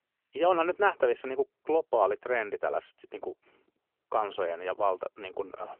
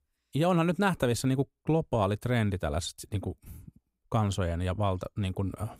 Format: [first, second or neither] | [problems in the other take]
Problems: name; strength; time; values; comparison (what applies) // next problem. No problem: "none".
second | phone-call audio; nothing above 3 kHz